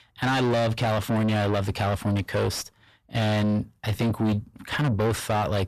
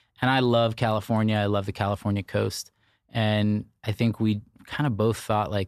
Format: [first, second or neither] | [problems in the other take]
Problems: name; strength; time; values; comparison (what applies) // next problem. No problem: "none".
second | distortion; heavy; 7 dB below the speech